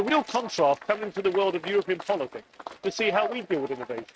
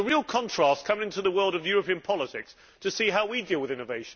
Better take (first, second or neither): second